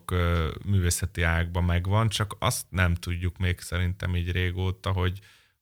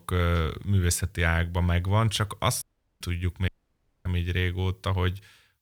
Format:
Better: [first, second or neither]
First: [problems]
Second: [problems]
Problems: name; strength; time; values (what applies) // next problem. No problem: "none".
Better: first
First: none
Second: audio cutting out; at 2.5 s and at 3.5 s for 0.5 s